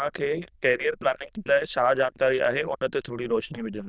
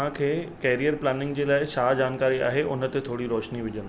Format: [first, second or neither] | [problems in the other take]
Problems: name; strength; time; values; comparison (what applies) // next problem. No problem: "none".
second | noise reduction (neural diffusion model UNIVERSE++)